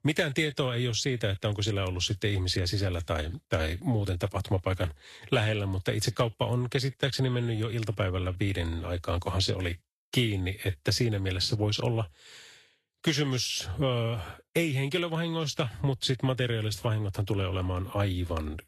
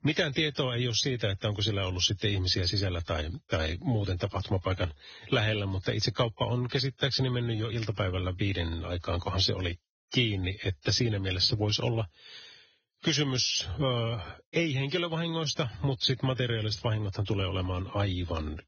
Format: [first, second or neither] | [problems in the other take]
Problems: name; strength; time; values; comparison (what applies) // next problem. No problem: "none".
first | garbled, watery; badly; nothing above 6.5 kHz; slightly in the first